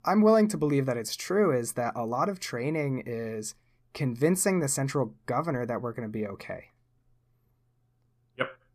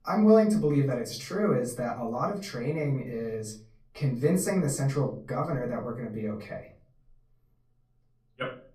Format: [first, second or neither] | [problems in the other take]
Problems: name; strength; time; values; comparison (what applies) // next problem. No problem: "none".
first | room echo; slight; dies away in 0.4 s // off-mic speech; far